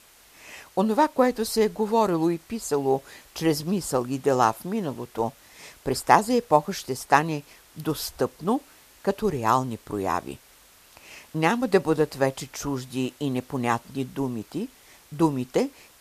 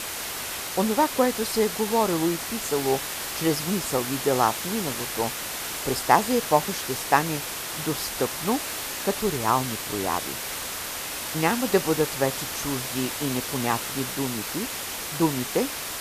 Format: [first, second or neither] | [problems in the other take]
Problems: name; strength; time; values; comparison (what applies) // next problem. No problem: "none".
first | hiss; loud; throughout; 3 dB below the speech; faint in the first